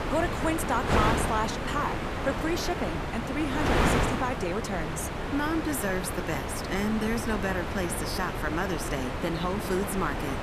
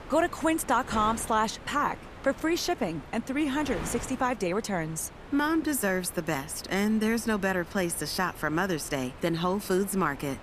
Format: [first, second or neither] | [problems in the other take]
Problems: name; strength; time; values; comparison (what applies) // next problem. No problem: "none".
second | wind noise on the microphone; heavy; as loud as the speech; occasional gusts in the second